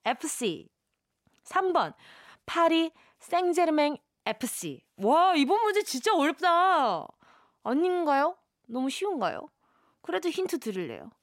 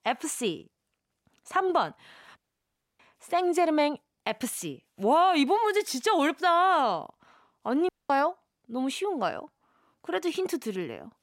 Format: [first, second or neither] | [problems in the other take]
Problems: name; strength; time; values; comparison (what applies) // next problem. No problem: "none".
first | audio cutting out; at 2.5 s for 0.5 s and at 8 s